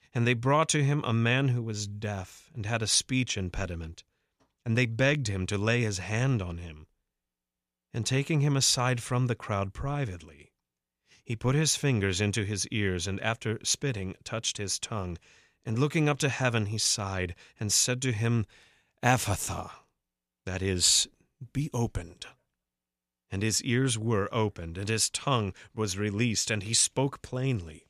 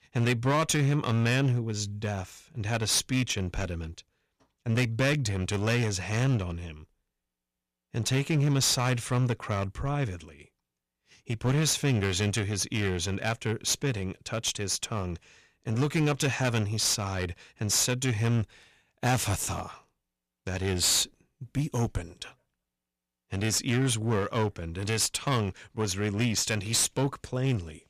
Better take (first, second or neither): first